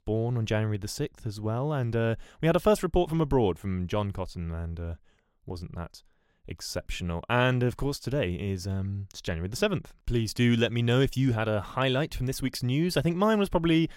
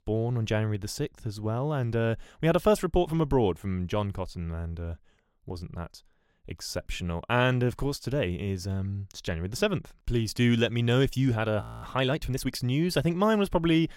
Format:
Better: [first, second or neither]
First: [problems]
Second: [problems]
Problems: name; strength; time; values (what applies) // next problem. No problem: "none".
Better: first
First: none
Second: audio freezing; at 12 s